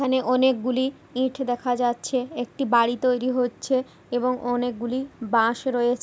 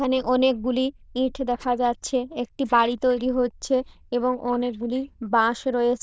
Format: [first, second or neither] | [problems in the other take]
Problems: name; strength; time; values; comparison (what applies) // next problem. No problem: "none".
first | noise reduction (neural diffusion model UNIVERSE++)